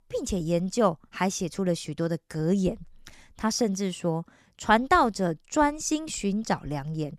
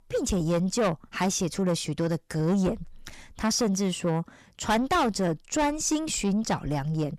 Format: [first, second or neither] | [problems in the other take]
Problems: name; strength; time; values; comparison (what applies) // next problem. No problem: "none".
first | distortion; heavy; 7 dB below the speech